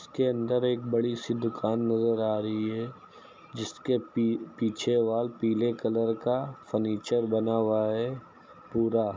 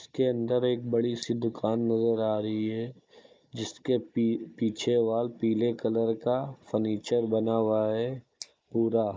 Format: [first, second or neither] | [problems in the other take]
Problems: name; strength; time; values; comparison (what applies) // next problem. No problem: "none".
first | noise reduction (neural mask model Resemble Enhance denoiser)